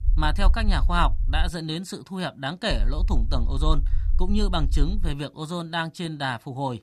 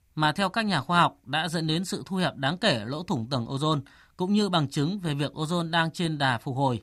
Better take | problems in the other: second | low rumble; faint; until 1.5 s and from 2.5 to 5 s; 20 dB below the speech

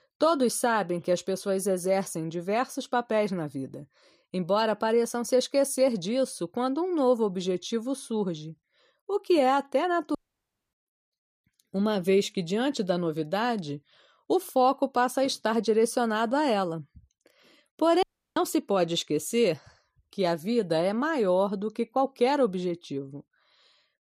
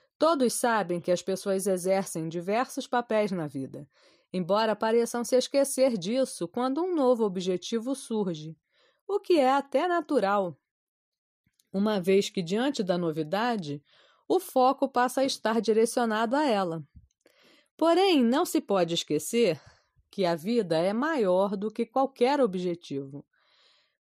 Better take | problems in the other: second | audio cutting out; at 10 s for 0.5 s and at 18 s

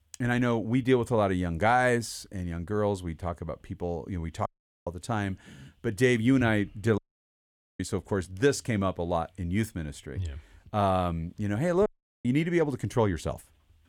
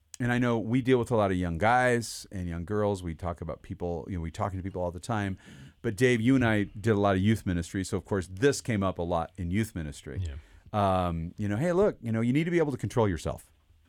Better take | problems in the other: second | audio cutting out; at 4.5 s, at 7 s for 1 s and at 12 s

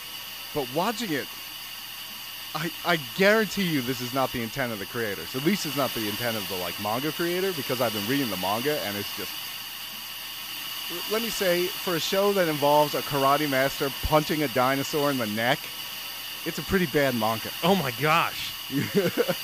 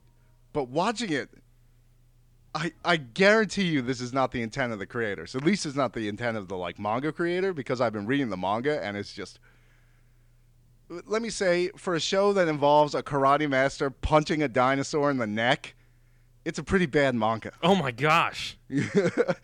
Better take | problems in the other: second | hiss; loud; throughout; 6 dB below the speech

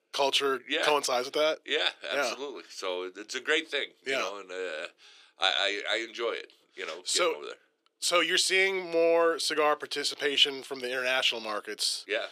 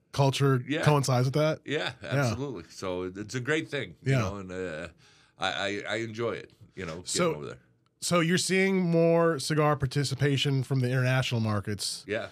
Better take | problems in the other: second | thin; very; fading below 350 Hz

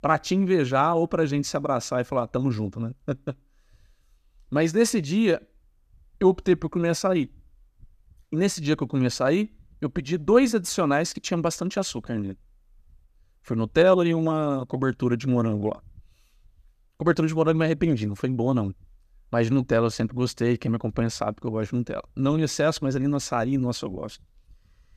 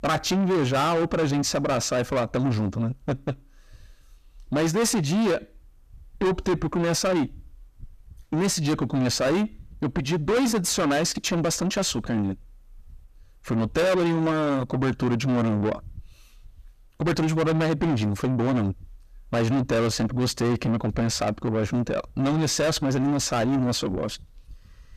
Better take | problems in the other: first | distortion; heavy; 5 dB below the speech

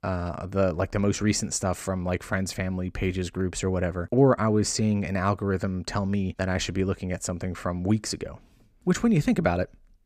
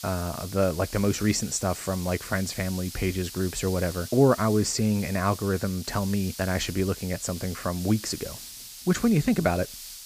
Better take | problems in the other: first | hiss; noticeable; throughout; 10 dB below the speech

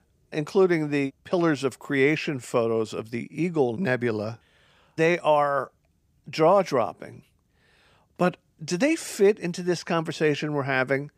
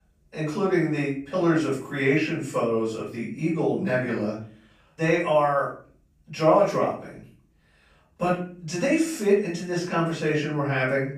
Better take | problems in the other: first | off-mic speech; far // room echo; noticeable; dies away in 0.4 s

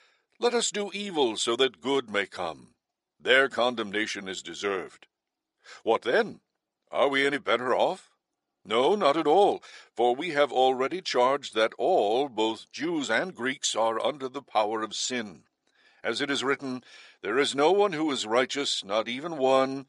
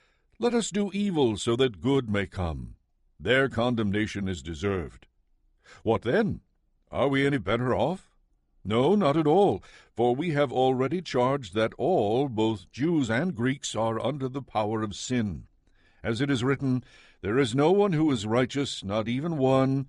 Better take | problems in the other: second | thin; somewhat; fading below 450 Hz

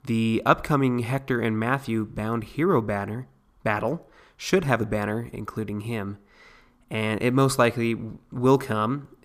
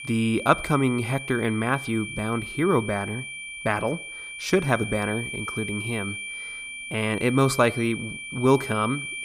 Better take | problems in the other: first | high-pitched whine; loud; throughout; 2.5 kHz, 8 dB below the speech

